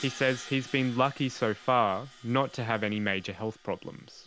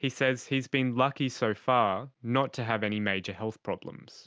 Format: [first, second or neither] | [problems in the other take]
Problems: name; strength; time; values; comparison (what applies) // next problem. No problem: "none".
second | background sound (Crash cymbal); 19 dB below the speech